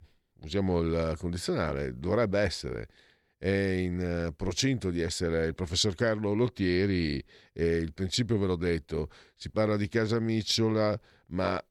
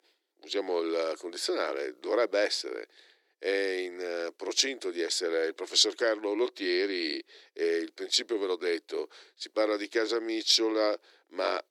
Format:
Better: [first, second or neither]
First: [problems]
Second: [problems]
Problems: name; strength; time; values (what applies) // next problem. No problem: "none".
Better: first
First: none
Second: thin; very; fading below 300 Hz